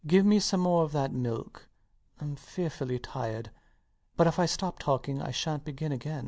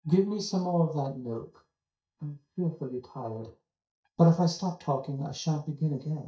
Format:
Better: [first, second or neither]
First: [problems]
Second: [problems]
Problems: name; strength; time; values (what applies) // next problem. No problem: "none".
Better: first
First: none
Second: noise reduction (neural mask model DeepFilterNet 3)